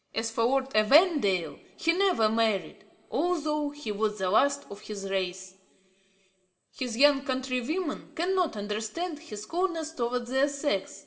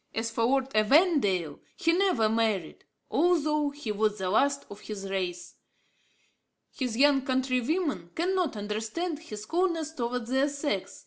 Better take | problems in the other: second | room echo; dies away in 0.9 s

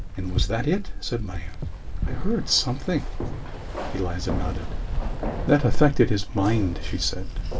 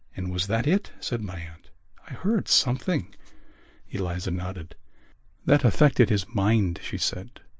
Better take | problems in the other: second | background sound (Keys jangling); 5 dB below the speech // room echo; dies away in 0.2 s

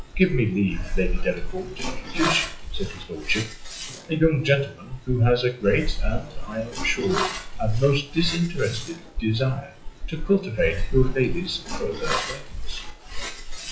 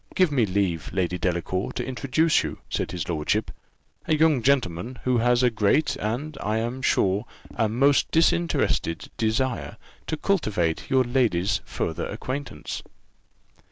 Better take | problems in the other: second | noise reduction (classical method WPE with log-MMSE)

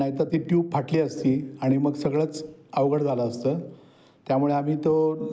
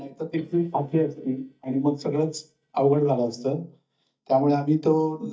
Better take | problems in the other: first | noise reduction (neural mask model DeepFilterNet 3)

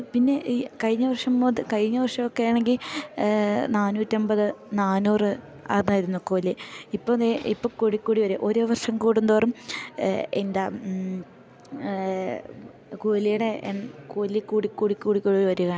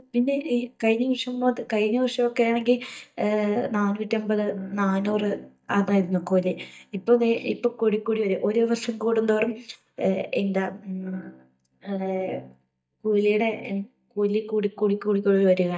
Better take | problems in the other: first | noise reduction (neural mask model DeepFilterNet 3)

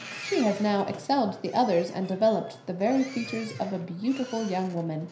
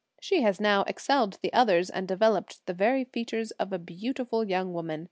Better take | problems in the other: second | background sound (Boat, Water vehicle); 16 dB below the speech // room echo; dies away in 0.5 s

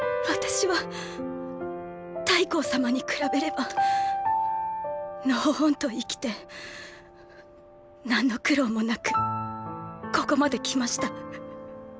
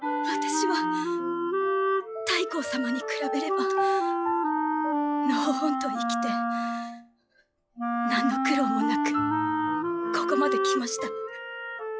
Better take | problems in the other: first | noise reduction (classical method log-MMSE)

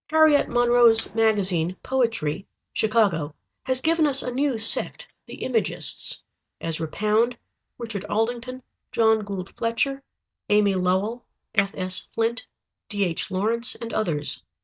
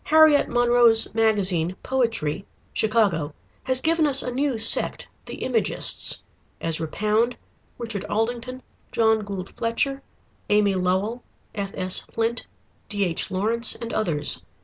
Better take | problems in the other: second | noise reduction (neural mask model DeepFilterNet 3)

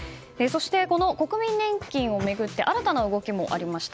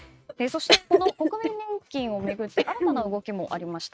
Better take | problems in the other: first | noise reduction (neural mask model RNNoise)

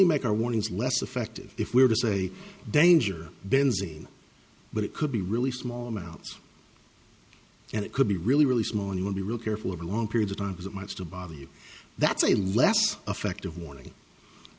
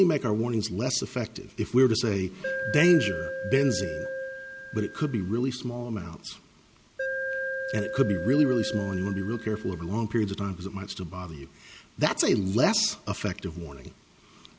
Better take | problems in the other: first | background sound (Alarm); 6 dB below the speech

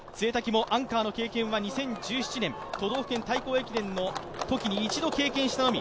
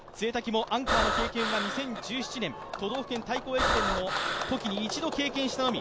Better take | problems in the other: first | background sound (Breathing); 2 dB above the speech

